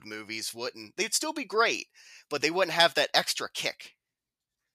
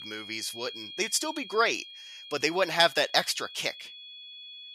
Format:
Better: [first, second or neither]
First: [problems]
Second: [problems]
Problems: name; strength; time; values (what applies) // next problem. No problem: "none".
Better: first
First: none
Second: high-pitched whine; noticeable; throughout; 3.5 kHz, 15 dB below the speech